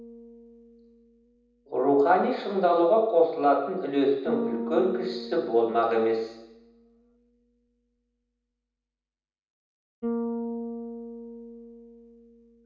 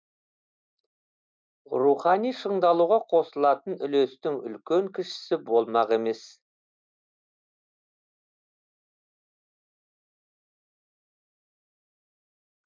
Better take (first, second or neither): second